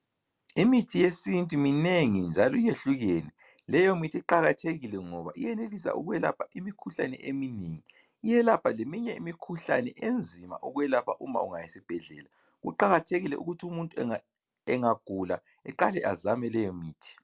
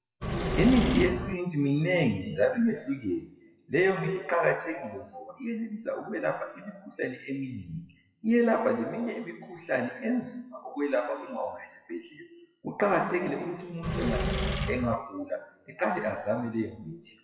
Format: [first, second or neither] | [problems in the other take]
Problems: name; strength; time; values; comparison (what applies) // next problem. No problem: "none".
first | noise reduction (classical method WPE with log-MMSE)